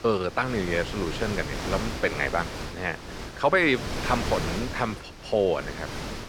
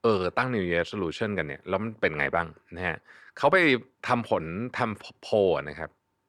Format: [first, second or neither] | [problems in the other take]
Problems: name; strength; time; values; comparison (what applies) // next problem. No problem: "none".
second | wind noise on the microphone; heavy; 8 dB below the speech